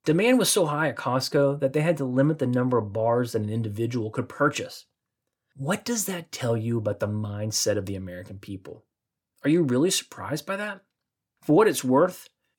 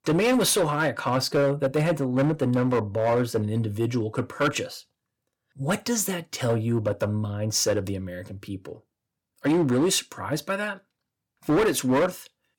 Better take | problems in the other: first | distortion; slight; 8% of the sound clipped

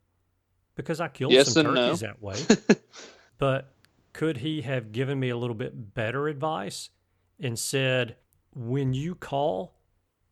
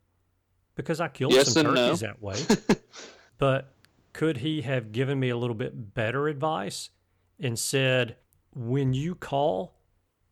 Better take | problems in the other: first | distortion; slight; 0.9% of the sound clipped

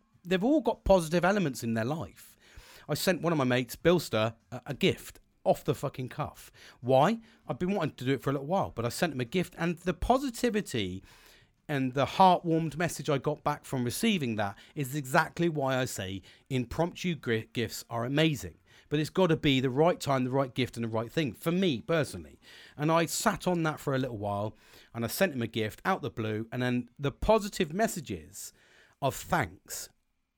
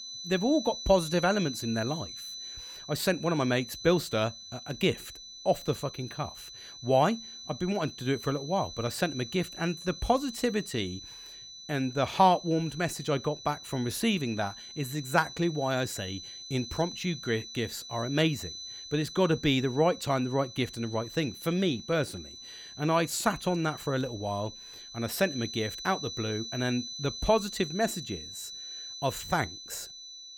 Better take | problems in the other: first | high-pitched whine; noticeable; throughout; 4 kHz, 10 dB below the speech

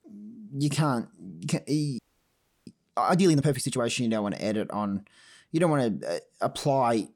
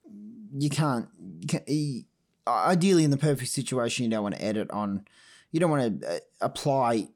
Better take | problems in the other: second | audio freezing; at 2 s for 0.5 s

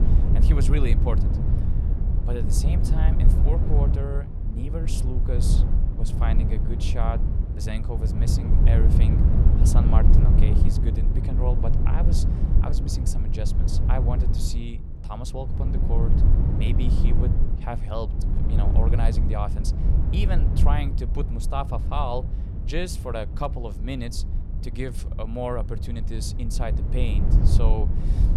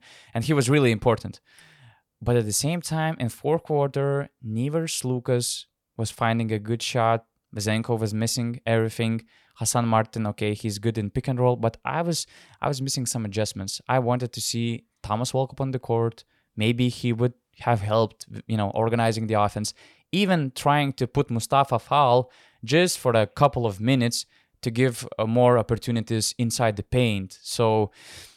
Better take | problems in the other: second | wind noise on the microphone; heavy; 3 dB below the speech

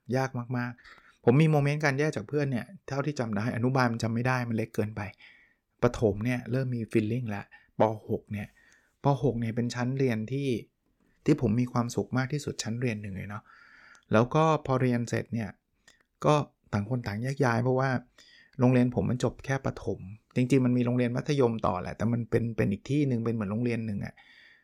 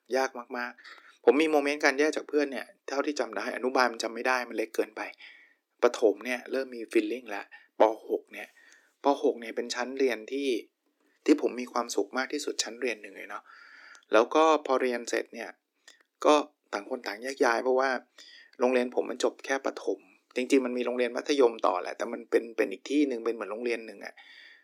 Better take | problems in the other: first | thin; somewhat; fading below 300 Hz

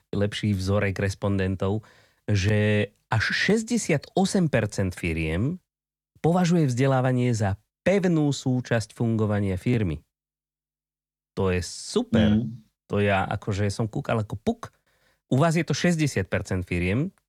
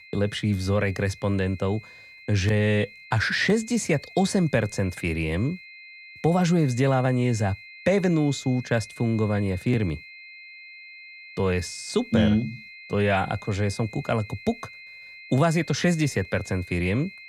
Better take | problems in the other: first | high-pitched whine; noticeable; throughout; 2 kHz, 20 dB below the speech

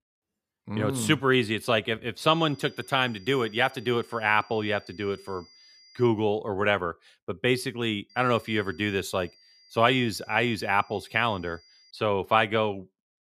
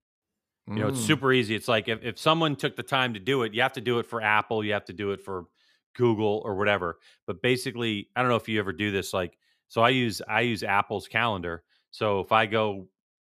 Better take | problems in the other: second | high-pitched whine; faint; from 2 to 6 s and from 8 to 12 s; 5 kHz, 25 dB below the speech

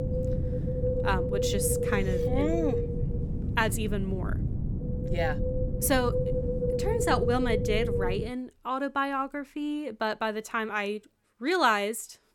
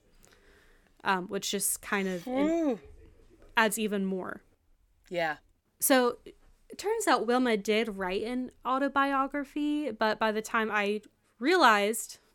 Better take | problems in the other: second | wind noise on the microphone; heavy; until 8.5 s; 3 dB below the speech

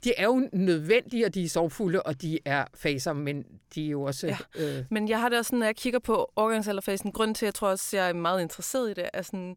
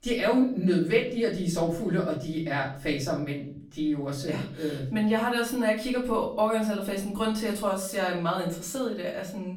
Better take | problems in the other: first | off-mic speech; far // room echo; slight; dies away in 0.5 s

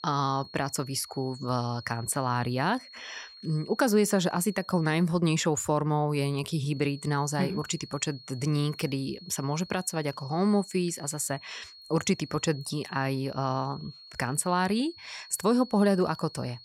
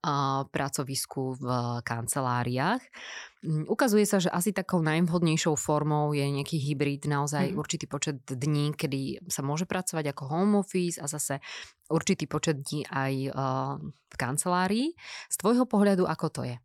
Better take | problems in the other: second | high-pitched whine; noticeable; until 5 s and from 6.5 s on; 4.5 kHz, 20 dB below the speech

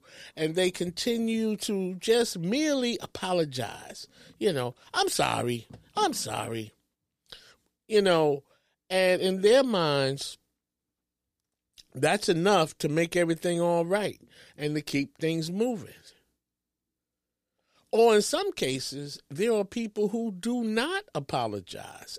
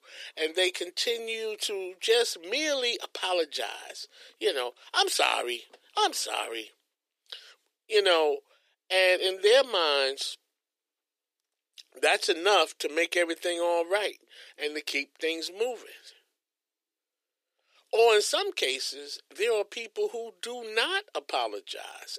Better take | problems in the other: first | thin; very; fading below 350 Hz

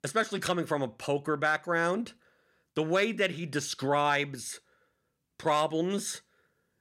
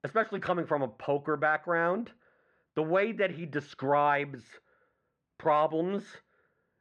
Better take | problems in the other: first | muffled; very; fading above 2 kHz

